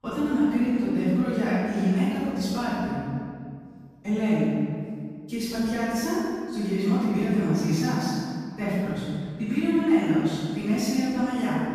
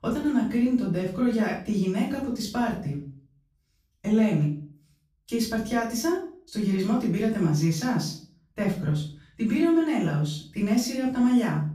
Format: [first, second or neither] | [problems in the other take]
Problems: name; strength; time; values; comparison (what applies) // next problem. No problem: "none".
second | room echo; strong; dies away in 2 s; slight in the second // off-mic speech; far; far in the second